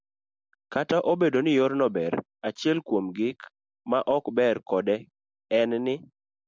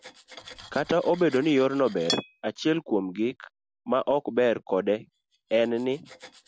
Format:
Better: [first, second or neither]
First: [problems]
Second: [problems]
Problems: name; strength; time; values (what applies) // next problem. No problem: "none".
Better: first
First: none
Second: background sound (Cutlery, silverware); 17 dB below the speech